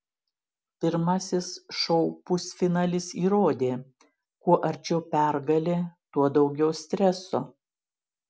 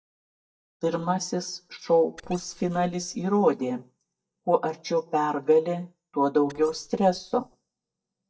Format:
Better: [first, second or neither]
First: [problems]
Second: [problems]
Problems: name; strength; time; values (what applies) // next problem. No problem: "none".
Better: first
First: none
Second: noise reduction (neural mask model DeepFilterNet 3)